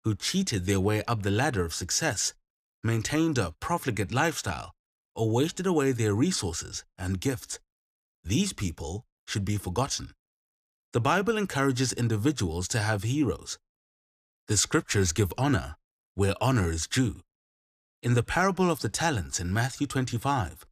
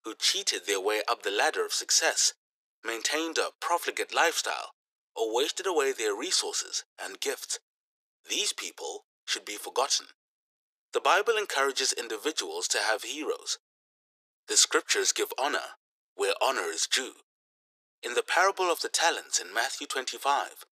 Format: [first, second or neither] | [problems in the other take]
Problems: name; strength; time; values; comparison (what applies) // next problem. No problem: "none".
first | thin; very; fading below 400 Hz